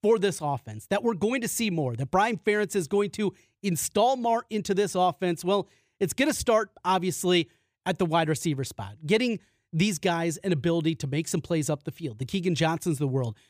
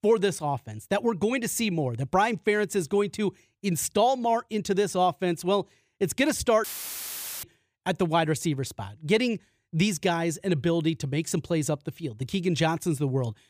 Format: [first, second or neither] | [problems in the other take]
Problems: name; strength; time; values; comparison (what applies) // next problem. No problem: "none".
first | audio cutting out; filled with static; at 6.5 s for 1 s